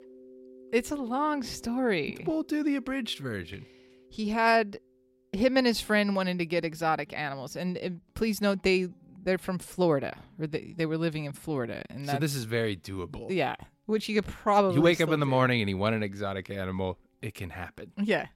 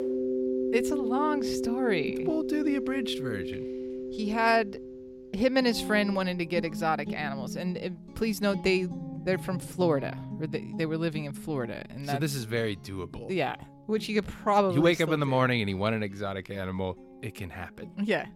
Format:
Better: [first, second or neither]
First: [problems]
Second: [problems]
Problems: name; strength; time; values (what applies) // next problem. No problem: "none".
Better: first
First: background music; faint; throughout; 30 dB below the speech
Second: background music; loud; throughout; 6 dB below the speech